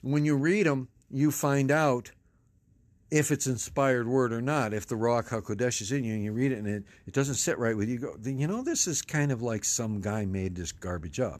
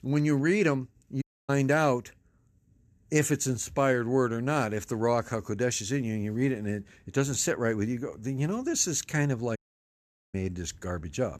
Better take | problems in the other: first | audio cutting out; at 1 s and at 9.5 s for 1 s

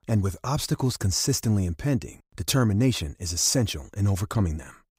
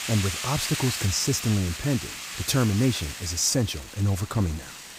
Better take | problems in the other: first | hiss; loud; throughout; 7 dB below the speech

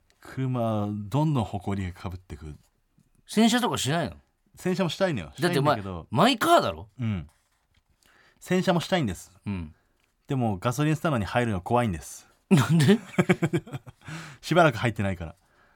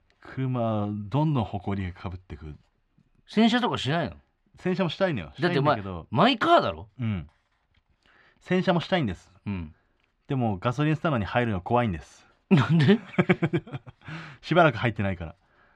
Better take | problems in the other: first | muffled; very slightly; fading above 3 kHz

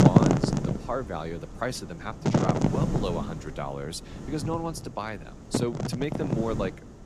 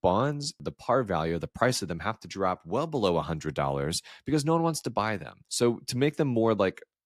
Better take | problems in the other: second | wind noise on the microphone; heavy; 2 dB above the speech

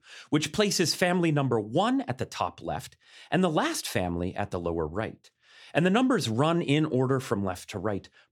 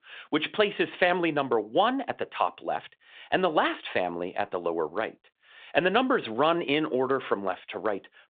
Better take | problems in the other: first | phone-call audio

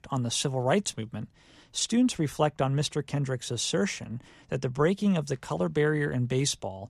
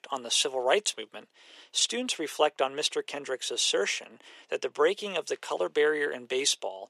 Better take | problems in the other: first | thin; very; fading below 400 Hz

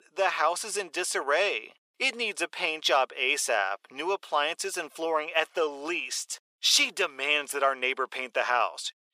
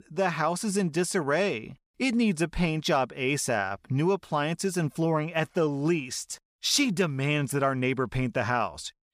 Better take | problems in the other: second | thin; very; fading below 450 Hz

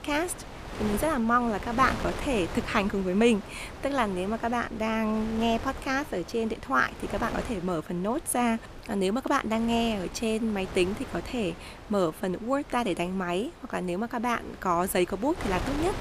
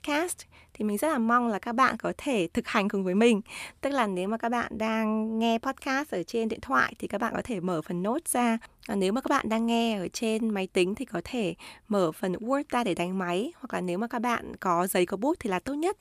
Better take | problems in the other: second | wind noise on the microphone; occasional gusts; 15 dB below the speech

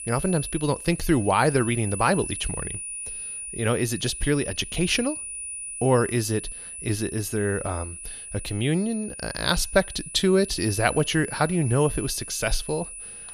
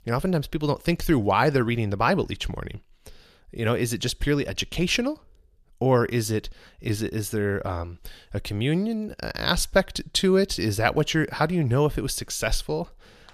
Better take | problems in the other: second | high-pitched whine; loud; throughout; 9.5 kHz, 9 dB below the speech

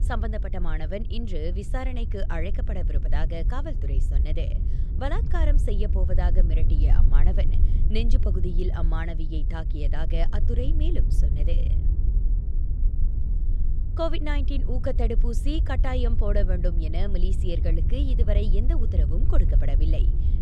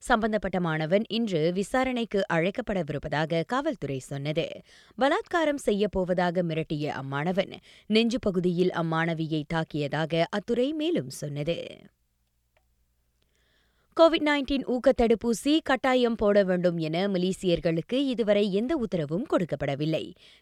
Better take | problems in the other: second | low rumble; loud; throughout; 10 dB below the speech

